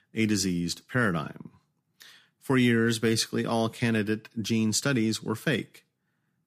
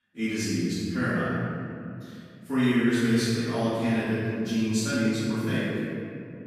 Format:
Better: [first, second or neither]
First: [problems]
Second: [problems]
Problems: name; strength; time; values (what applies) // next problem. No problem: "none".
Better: first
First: none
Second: off-mic speech; far // room echo; strong; dies away in 2.4 s